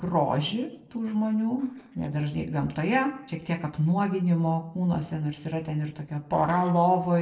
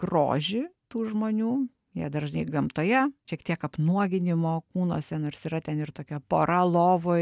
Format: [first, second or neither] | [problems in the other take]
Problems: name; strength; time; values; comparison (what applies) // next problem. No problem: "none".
second | noise reduction (neural separator model SepFormer DNS4)